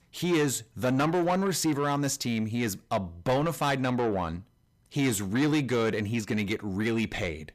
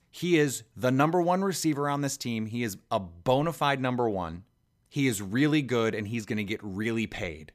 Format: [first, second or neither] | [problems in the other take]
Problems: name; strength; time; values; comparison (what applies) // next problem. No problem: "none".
second | distortion; slight; 10 dB below the speech